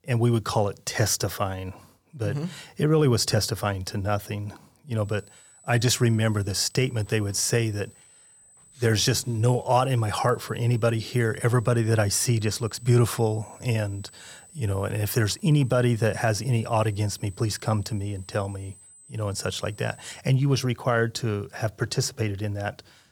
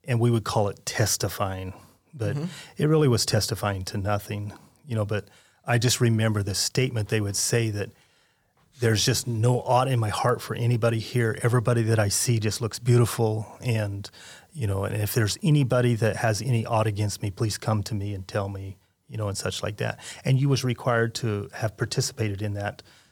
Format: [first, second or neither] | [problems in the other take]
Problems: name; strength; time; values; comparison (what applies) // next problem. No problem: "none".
second | high-pitched whine; faint; from 5 to 20 s; 8 kHz, 25 dB below the speech